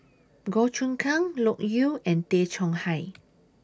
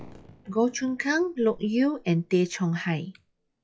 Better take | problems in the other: first | noise reduction (classical method log-MMSE)

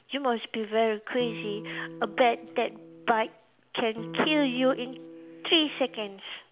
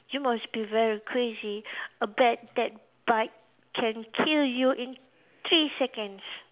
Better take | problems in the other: second | background sound (Electric guitar); 14 dB below the speech

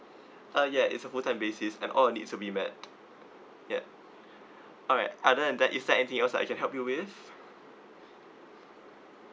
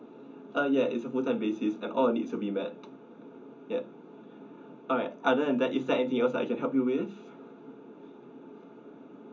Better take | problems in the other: first | room echo; dies away in 0.3 s

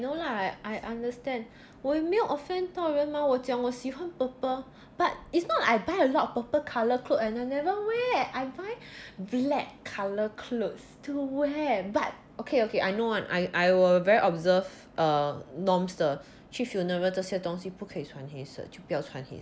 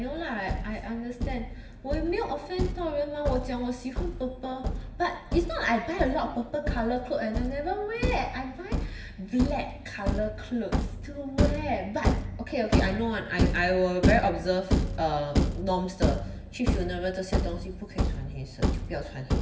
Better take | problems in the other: first | background sound (Thump, thud); as loud as the speech // room echo; dies away in 1 s

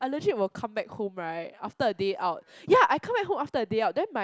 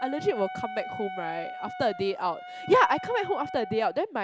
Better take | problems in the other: first | background sound (Wind instrument, woodwind instrument); 11 dB below the speech

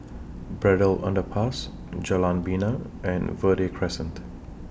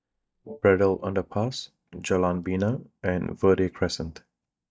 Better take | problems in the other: first | noise reduction (neural mask model DeepFilterNet 3)

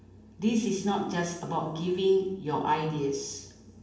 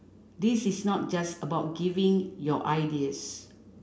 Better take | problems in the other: second | room echo; dies away in 0.8 s

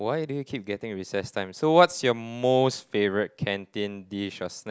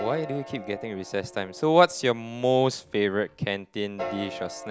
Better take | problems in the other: first | background sound (Piano); 14 dB below the speech

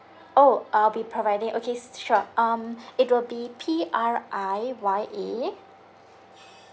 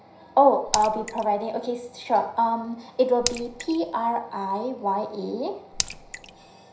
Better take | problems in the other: first | background sound (Raindrop / Splash, splatter); 8 dB below the speech // room echo; dies away in 0.5 s

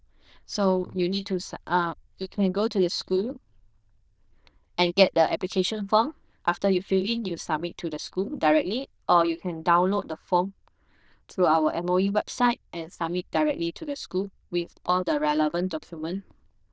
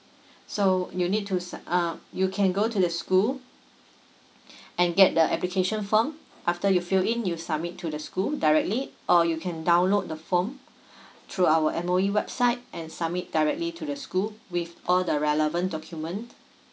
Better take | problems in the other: second | noise reduction (neural diffusion model UNIVERSE++)

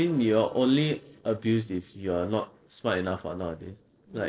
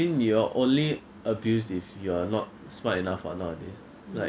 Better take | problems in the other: second | noise reduction (neural separator model SepFormer DNS4)

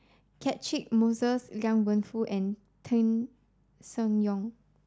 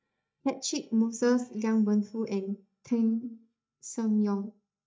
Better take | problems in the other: first | noise reduction (neural mask model DeepFilterNet 3)

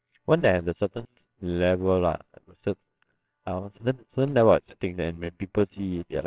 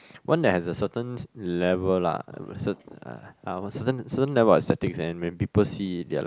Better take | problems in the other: second | noise reduction (neural separator model SepFormer WHAMR!)

